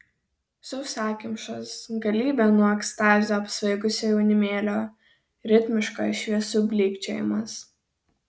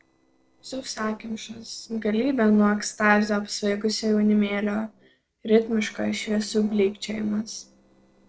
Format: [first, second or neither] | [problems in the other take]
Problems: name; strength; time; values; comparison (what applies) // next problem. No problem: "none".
first | noise reduction (neural separator model SepFormer DNS4)